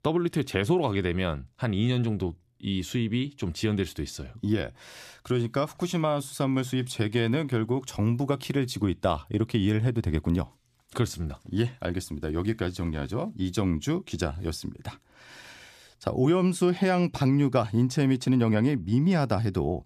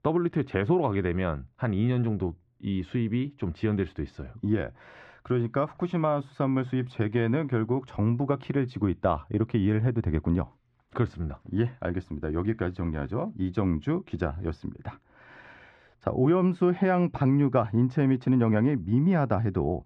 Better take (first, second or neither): first